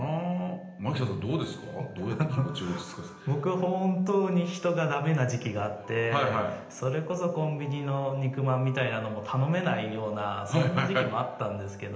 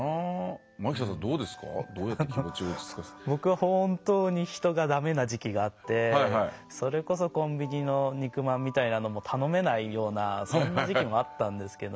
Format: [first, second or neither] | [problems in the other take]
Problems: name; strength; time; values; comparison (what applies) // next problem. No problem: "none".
second | room echo; dies away in 0.9 s